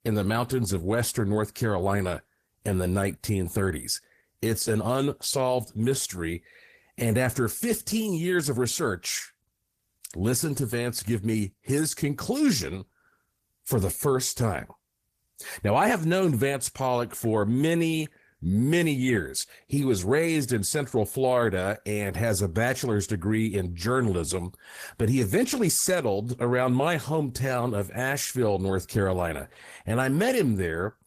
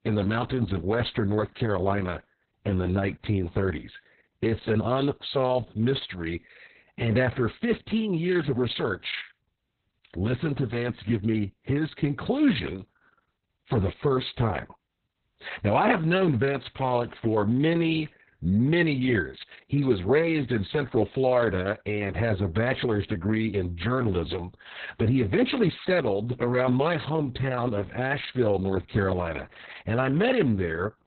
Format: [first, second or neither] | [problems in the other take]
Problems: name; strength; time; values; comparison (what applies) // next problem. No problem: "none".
first | garbled, watery; badly; nothing above 4 kHz; slightly in the first